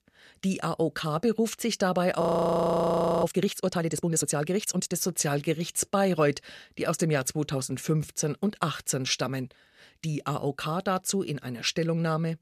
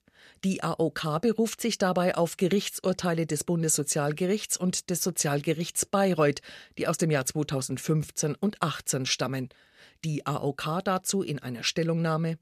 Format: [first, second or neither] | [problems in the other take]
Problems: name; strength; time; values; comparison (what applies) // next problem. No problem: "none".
second | audio freezing; at 2 s for 1 s